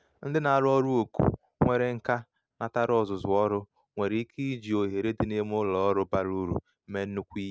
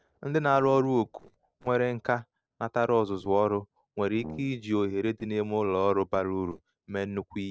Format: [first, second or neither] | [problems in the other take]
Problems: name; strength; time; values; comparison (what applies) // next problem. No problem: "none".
first | noise reduction (neural separator model SepFormer DNS4)